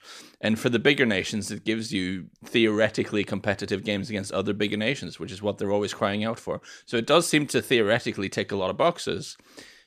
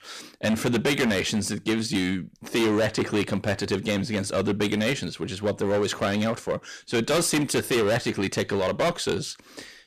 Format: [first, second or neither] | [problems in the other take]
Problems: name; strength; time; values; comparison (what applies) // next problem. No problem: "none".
first | distortion; heavy; 14% of the sound clipped